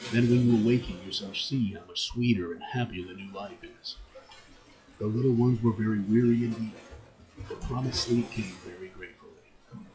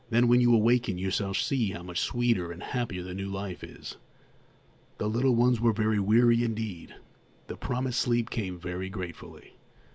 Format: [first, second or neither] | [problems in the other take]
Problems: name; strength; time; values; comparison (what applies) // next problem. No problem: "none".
second | noise reduction (classical method log-MMSE)